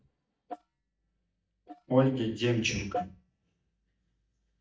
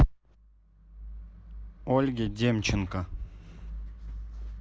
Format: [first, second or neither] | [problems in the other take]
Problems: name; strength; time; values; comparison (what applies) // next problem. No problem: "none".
second | noise reduction (neural mask model DeepFilterNet 3)